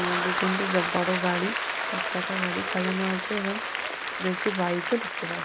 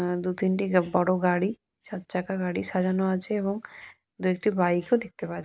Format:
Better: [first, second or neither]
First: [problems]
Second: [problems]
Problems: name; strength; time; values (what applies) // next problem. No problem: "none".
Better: second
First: background sound (Applause / Crowd); as loud as the speech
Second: none